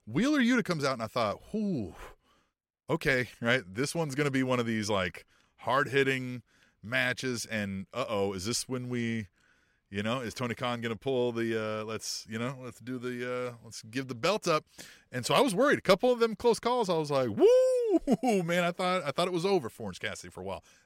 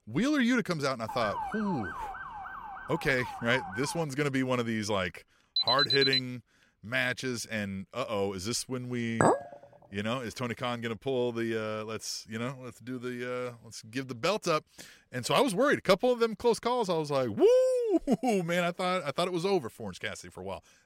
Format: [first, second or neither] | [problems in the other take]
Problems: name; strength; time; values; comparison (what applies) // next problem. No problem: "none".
first | siren; noticeable; from 1 to 4 s; peak 6 dB below the speech // alarm; loud; at 5.5 s; peak 5 dB above the speech // clattering dishes; loud; at 9 s; peak 4 dB above the speech